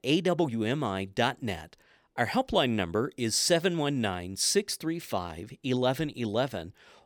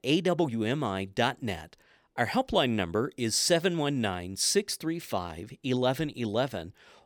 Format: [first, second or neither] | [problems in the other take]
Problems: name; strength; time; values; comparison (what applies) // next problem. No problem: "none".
neither | none